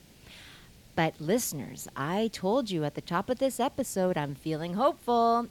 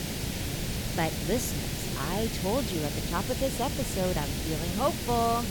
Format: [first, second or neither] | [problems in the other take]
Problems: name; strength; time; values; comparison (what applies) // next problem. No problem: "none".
first | hiss; loud; throughout; 1 dB below the speech; faint in the first